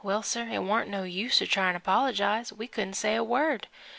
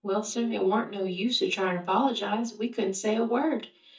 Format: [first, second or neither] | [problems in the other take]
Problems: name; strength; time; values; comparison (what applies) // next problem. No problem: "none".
first | noise reduction (neural mask model DeepFilterNet 3)